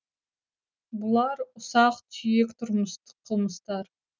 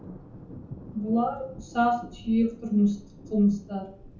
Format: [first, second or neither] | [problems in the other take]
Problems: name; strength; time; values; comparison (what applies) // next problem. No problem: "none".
first | background sound (Thunder); 17 dB below the speech // room echo; dies away in 0.6 s